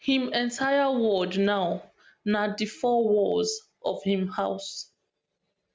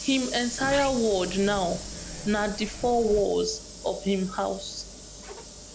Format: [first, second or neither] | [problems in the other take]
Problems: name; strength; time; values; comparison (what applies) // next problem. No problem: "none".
first | background sound (Sliding door + Sliding door / Hiss); 11 dB below the speech